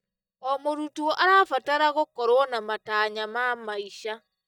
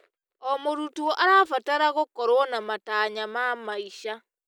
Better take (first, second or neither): second